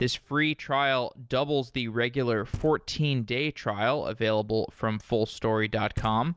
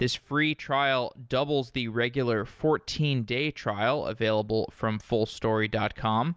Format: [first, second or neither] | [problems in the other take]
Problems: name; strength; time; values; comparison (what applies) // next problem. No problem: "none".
second | noise reduction (neural separator model SepFormer DNS4)